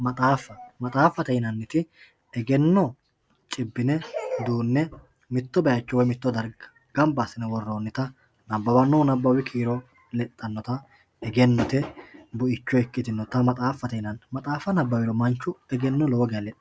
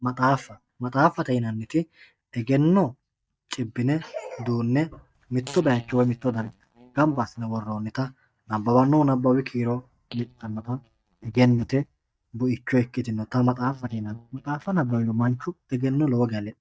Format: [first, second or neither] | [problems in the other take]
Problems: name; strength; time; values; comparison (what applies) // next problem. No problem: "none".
first | noise reduction (neural mask model DeepFilterNet 3)